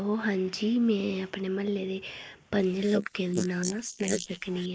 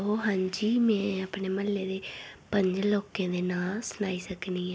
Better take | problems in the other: second | noise reduction (neural mask model Resemble Enhance denoiser)

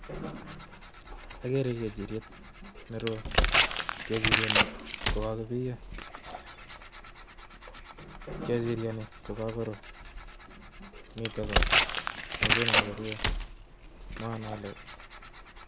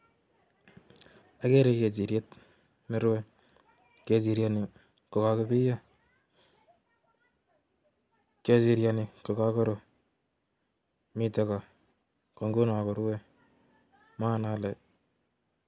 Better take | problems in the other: second | background sound (Tearing); 5 dB above the speech

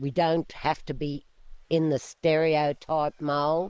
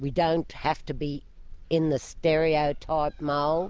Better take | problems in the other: second | noise reduction (neural mask model Resemble Enhance denoiser)

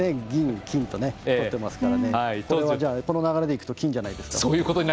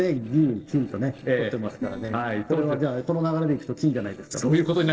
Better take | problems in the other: first | noise reduction (neural separator model SepFormer DNS4)

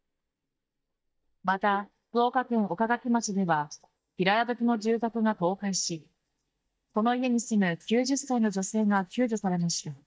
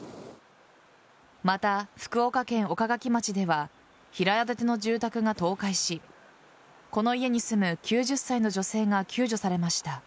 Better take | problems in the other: second | noise reduction (neural mask model DeepFilterNet 3)

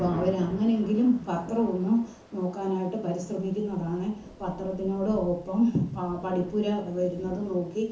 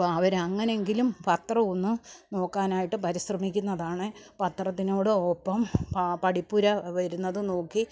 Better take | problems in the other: second | background sound (Thunder / Rain); 16 dB below the speech // room echo; dies away in 0.9 s

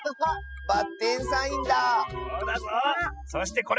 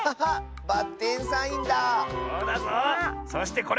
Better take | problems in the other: second | noise reduction (classical method spectral subtraction)

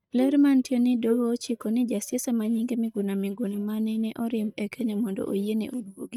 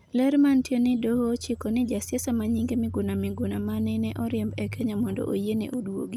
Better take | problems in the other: second | noise reduction (neural mask model DeepFilterNet 3)

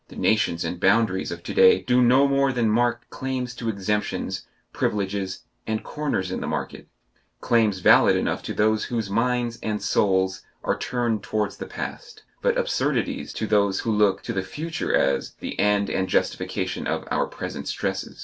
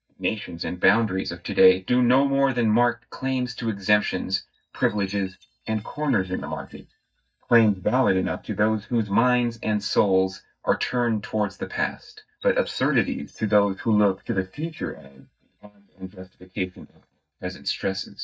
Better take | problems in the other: first | noise reduction (neural mask model DeepFilterNet 3)

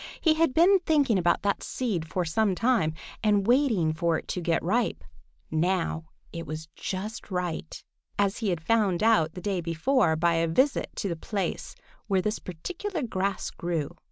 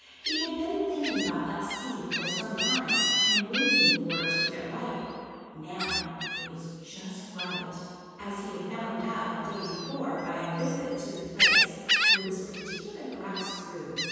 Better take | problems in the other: first | background sound (Gull, seagull); 3 dB above the speech // room echo; dies away in 2.1 s

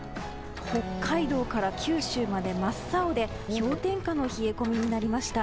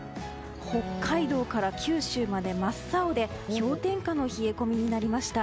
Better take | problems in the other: second | background sound (Door); 12 dB below the speech

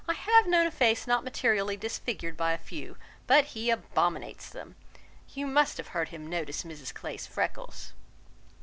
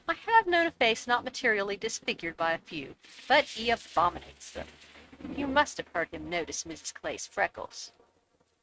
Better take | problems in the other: first | noise reduction (neural mask model RNNoise)

